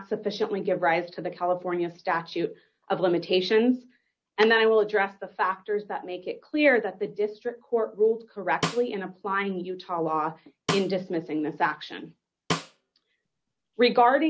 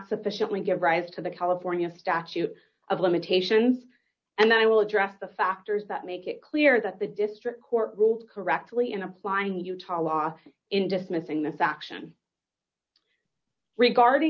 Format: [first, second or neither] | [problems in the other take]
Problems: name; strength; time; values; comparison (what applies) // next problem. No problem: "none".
second | background sound (Snare drum); 8 dB below the speech